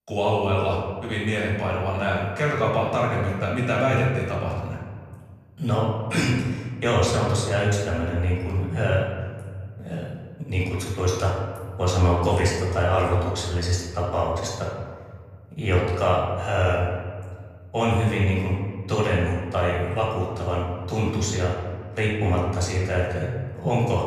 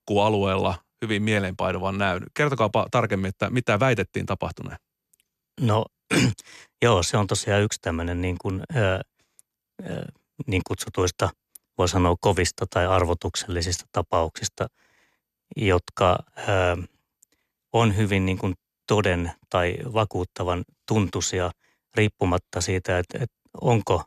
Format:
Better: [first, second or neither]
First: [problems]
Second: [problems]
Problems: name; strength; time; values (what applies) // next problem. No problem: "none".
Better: second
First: off-mic speech; far // room echo; noticeable; dies away in 1.6 s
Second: none